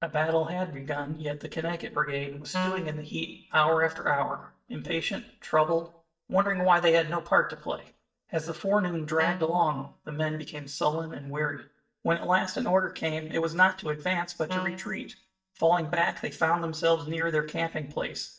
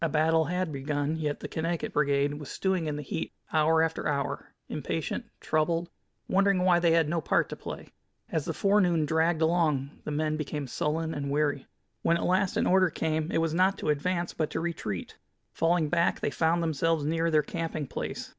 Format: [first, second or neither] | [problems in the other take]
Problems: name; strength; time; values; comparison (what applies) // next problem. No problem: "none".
second | noise reduction (neural mask model DeepFilterNet 3)